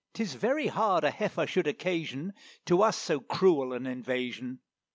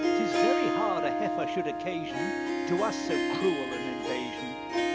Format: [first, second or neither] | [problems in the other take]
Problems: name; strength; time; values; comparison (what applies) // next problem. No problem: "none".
first | background sound (Harp); 4 dB above the speech